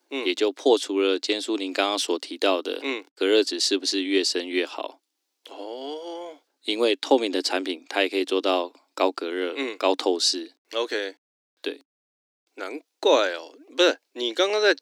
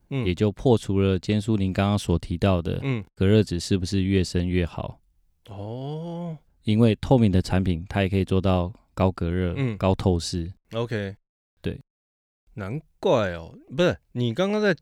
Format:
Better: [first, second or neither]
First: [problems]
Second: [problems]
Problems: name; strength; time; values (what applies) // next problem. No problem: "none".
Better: second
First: thin; somewhat; fading below 300 Hz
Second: none